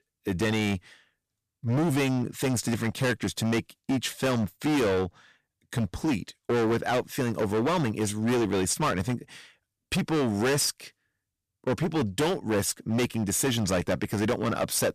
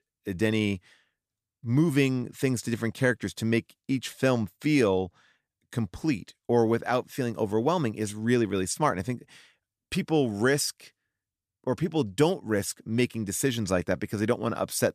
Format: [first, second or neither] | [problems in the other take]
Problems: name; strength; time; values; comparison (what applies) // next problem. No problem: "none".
second | distortion; heavy; 18% of the sound clipped